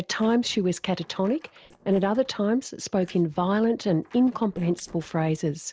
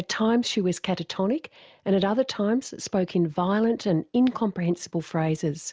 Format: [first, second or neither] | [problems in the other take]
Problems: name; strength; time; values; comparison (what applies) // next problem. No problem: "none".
second | noise reduction (neural separator model SepFormer DNS4)